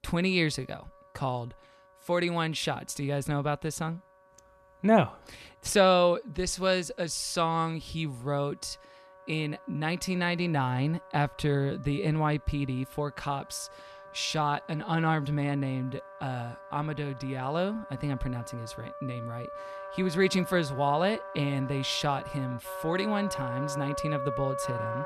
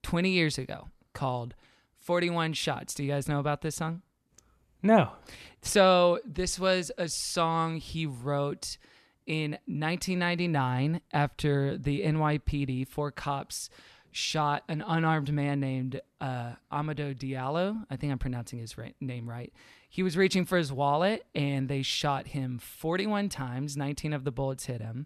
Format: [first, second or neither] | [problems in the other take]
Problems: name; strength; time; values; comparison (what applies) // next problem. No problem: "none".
second | background music; noticeable; throughout; 10 dB below the speech